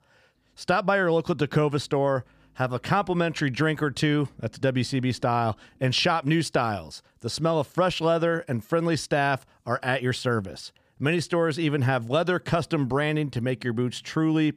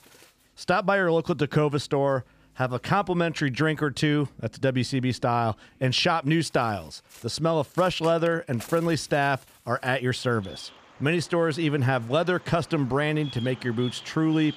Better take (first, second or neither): first